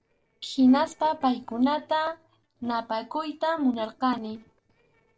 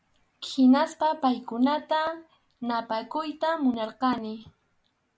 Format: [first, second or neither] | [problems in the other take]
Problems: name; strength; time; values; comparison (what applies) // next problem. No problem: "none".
second | noise reduction (neural separator model SepFormer DNS4)